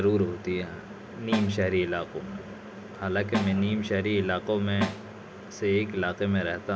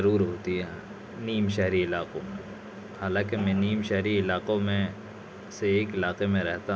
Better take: second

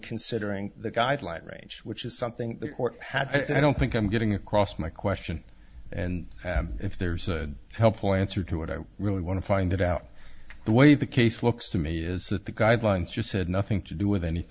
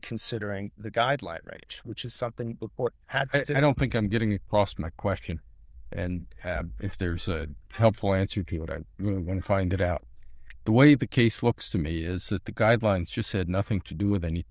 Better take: first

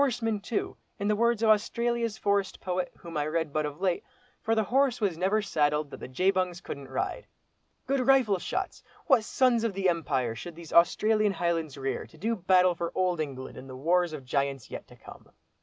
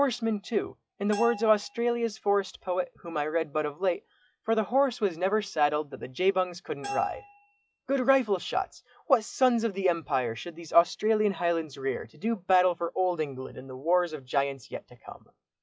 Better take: first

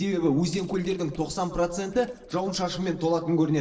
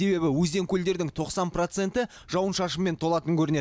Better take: second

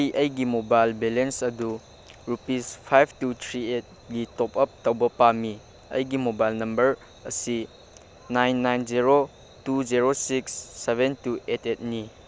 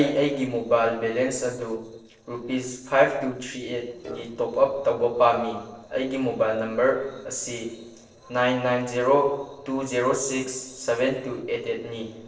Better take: first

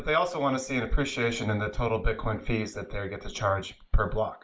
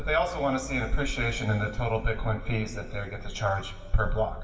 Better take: first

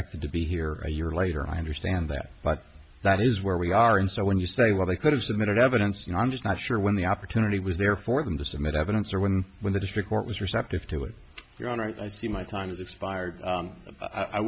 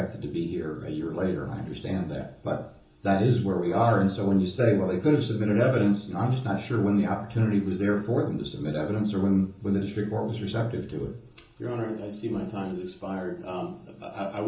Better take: first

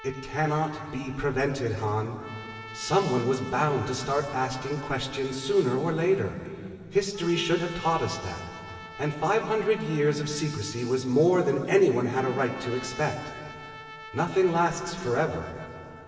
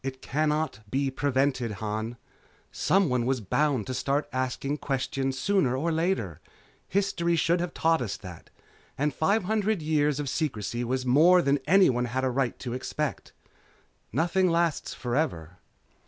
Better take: second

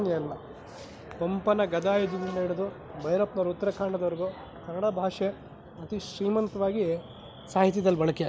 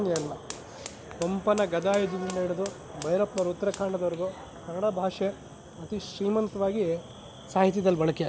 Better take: first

